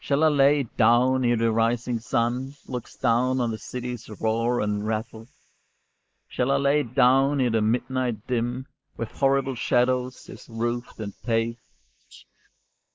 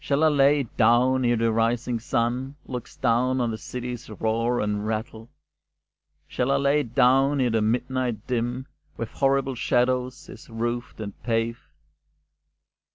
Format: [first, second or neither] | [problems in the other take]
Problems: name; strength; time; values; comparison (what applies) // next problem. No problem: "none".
second | noise reduction (neural mask model Resemble Enhance denoiser)